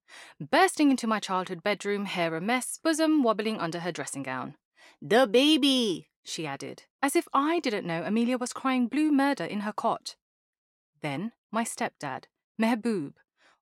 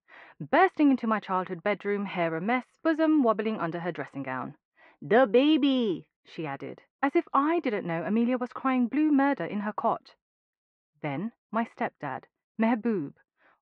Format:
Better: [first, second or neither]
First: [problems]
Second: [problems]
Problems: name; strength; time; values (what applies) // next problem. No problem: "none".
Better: first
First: none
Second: muffled; very; fading above 2 kHz